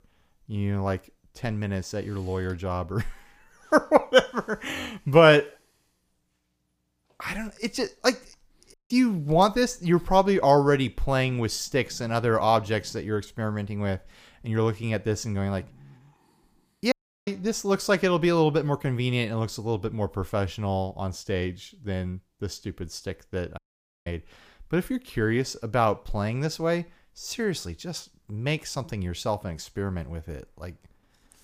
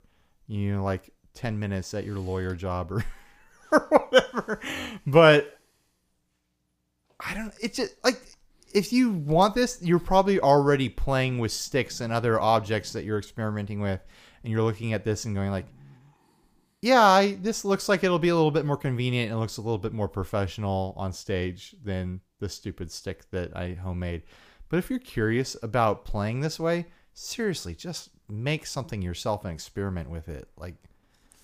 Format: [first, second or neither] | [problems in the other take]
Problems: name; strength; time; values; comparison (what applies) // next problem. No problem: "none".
second | audio cutting out; at 8.5 s, at 17 s and at 24 s